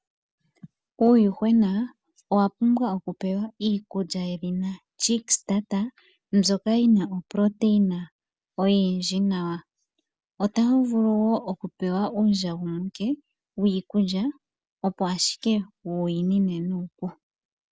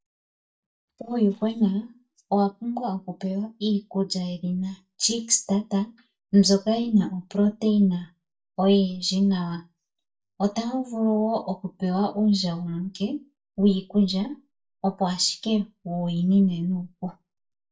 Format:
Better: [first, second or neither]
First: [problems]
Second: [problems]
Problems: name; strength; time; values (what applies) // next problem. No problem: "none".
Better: first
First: none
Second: noise reduction (neural mask model DeepFilterNet 3)